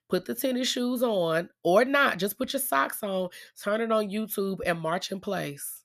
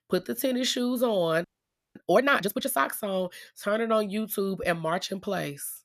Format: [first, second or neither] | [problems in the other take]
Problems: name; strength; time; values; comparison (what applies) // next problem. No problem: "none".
first | audio freezing; at 1.5 s for 0.5 s